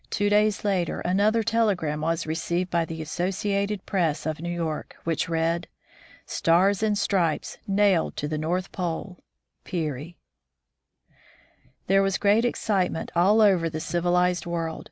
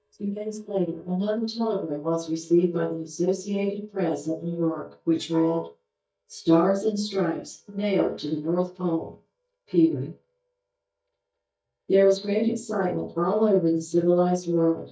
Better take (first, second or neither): first